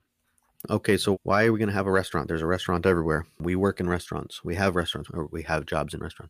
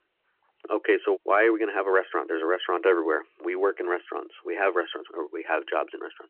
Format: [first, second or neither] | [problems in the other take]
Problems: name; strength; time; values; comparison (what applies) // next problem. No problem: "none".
first | phone-call audio